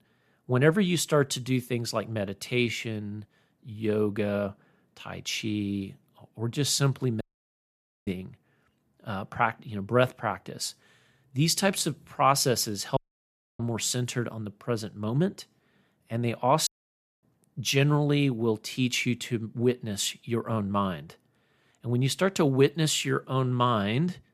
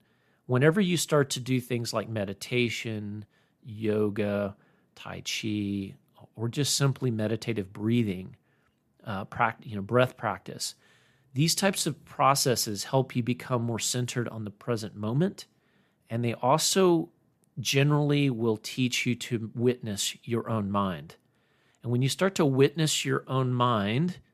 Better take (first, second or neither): second